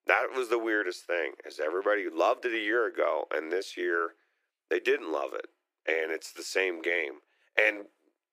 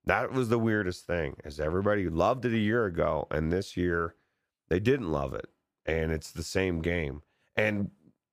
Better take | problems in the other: second | thin; very; fading below 350 Hz

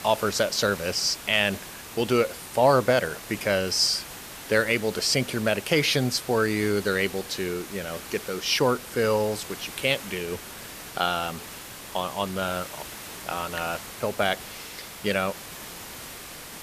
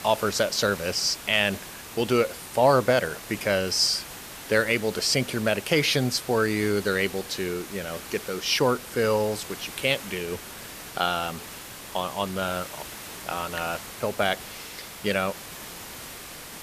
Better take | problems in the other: neither | hiss; noticeable; throughout; 15 dB below the speech; the same in both

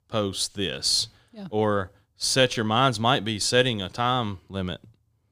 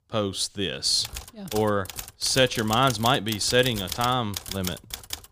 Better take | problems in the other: first | keyboard typing; noticeable; from 1 s on; peak 7 dB below the speech

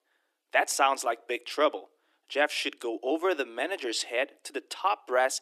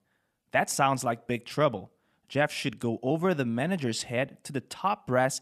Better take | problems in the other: second | thin; very; fading below 300 Hz

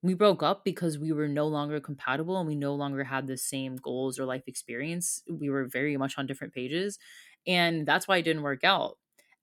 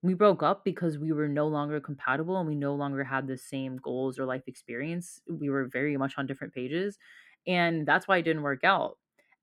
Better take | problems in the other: first | muffled; slightly; fading above 3.5 kHz

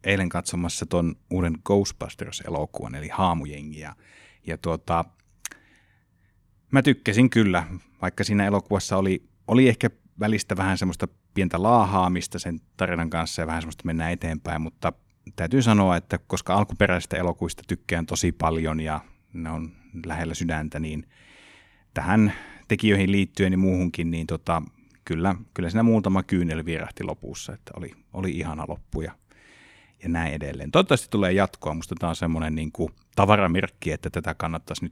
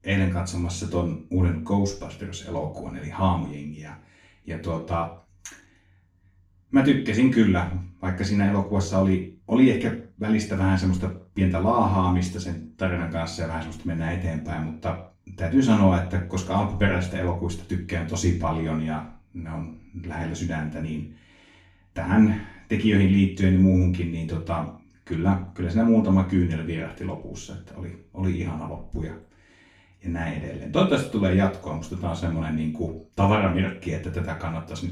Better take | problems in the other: first | room echo; slight; dies away in 0.4 s // off-mic speech; far

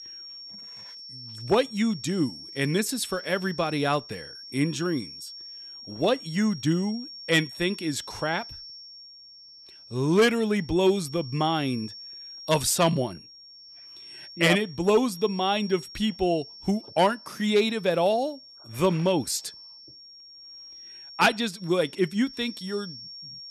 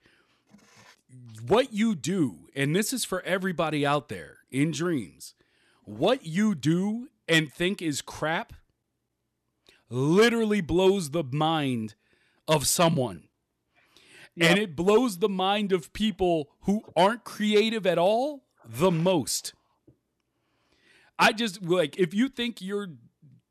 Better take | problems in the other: second | high-pitched whine; noticeable; throughout; 5.5 kHz, 15 dB below the speech

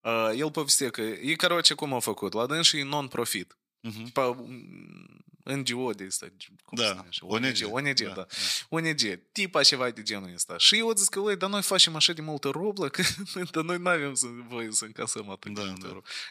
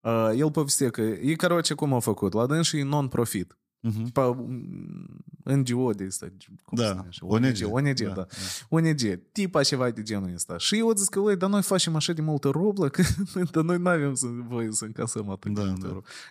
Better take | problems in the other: second | thin; somewhat; fading below 600 Hz

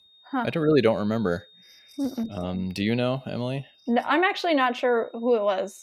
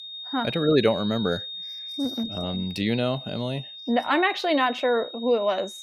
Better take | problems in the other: first | high-pitched whine; loud; throughout; 3.5 kHz, 9 dB below the speech; faint in the first

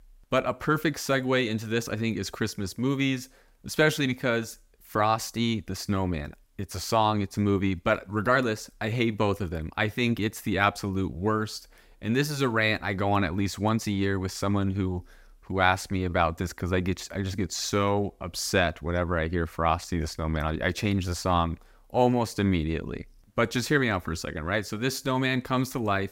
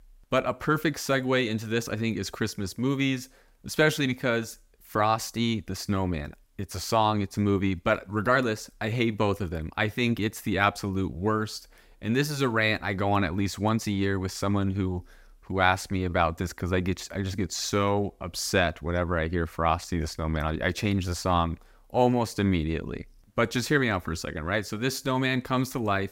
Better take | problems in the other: neither | none

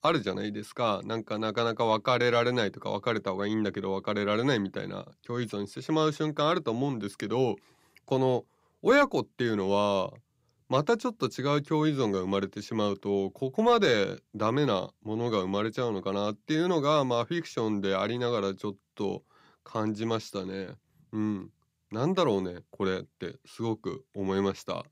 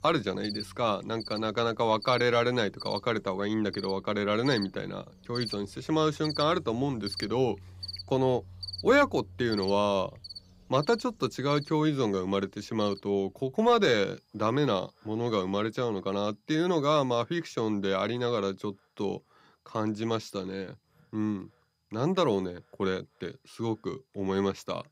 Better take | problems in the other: first | animal sounds; noticeable; throughout; 10 dB below the speech

